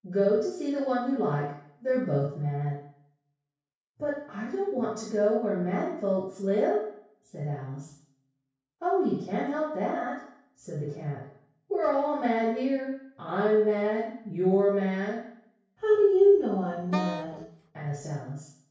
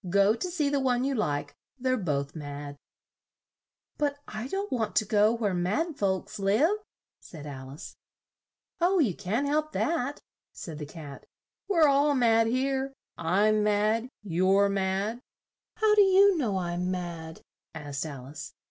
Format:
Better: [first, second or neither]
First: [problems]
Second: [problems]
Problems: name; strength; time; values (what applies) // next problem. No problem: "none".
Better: second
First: background sound (Wind instrument, woodwind instrument); 10 dB below the speech // room echo; dies away in 0.6 s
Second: none